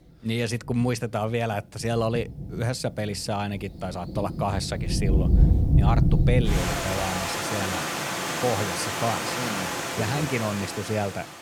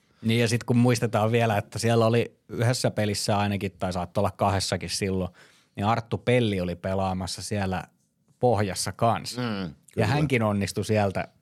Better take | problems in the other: second | rain or running water; very loud; throughout; 3 dB above the speech

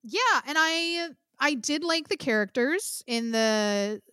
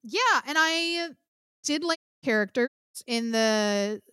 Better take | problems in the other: first | audio cutting out; at 1.5 s, at 2 s and at 2.5 s

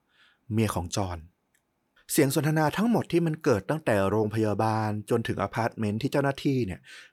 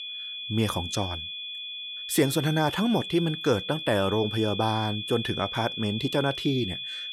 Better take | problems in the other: first | high-pitched whine; loud; throughout; 3.5 kHz, 6 dB below the speech

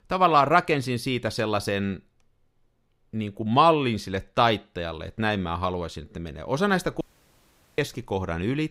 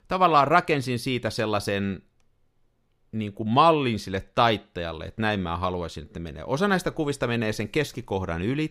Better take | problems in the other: second | audio cutting out; at 7 s for 1 s

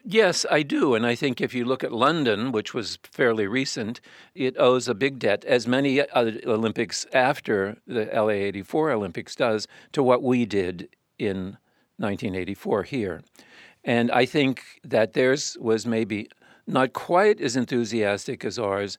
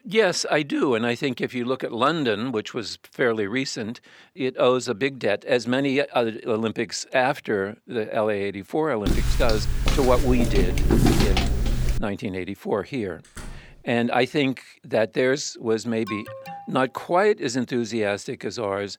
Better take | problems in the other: first | footsteps; loud; from 9 to 12 s; peak 5 dB above the speech // door banging; faint; at 13 s; peak 15 dB below the speech // alarm; faint; at 16 s; peak 10 dB below the speech

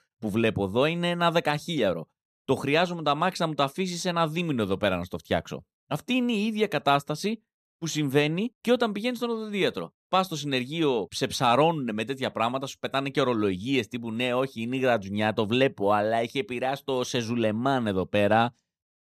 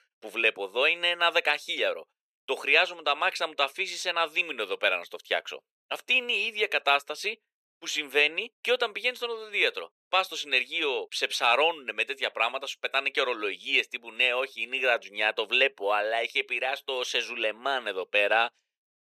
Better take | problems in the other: first | thin; very; fading below 450 Hz

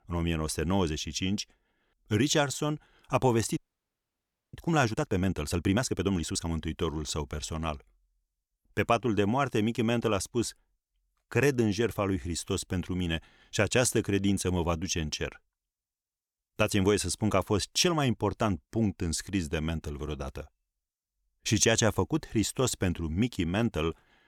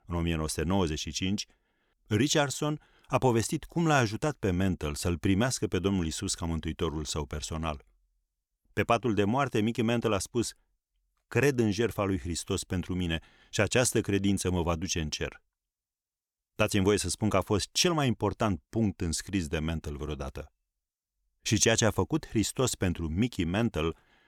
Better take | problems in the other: second | audio freezing; at 3.5 s for 1 s

